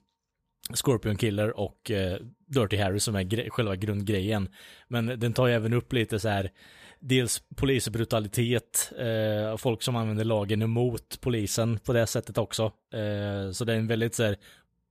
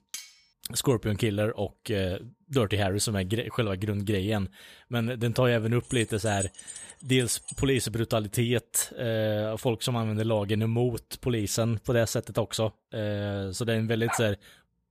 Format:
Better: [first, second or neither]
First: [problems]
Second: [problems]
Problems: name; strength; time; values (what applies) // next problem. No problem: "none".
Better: first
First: none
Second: clattering dishes; faint; at the start; peak 10 dB below the speech // jangling keys; noticeable; from 6 to 8 s; peak 7 dB below the speech // dog barking; noticeable; at 14 s; peak 7 dB below the speech